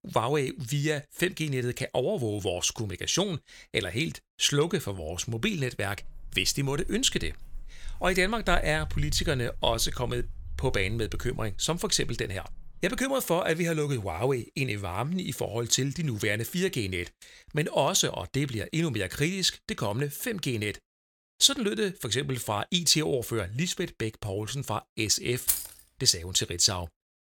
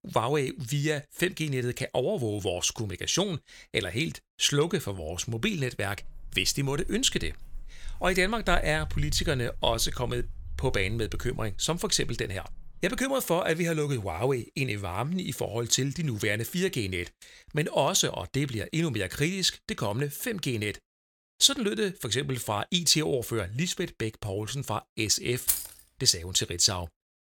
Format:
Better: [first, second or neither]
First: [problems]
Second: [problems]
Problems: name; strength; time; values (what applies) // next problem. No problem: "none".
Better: neither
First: footsteps; noticeable; from 6 to 13 s; peak 8 dB below the speech // jangling keys; loud; at 25 s; peak 1 dB above the speech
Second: footsteps; noticeable; from 6 to 13 s; peak 8 dB below the speech // jangling keys; loud; at 25 s; peak 1 dB above the speech